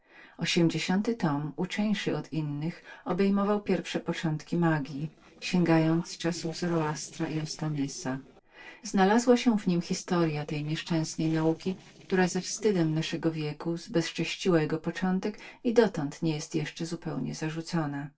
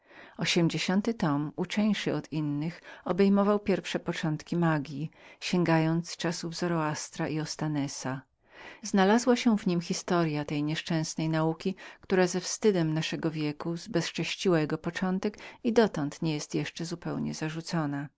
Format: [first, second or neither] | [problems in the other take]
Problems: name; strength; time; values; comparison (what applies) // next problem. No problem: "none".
second | noise reduction (neural separator model SepFormer DNS4)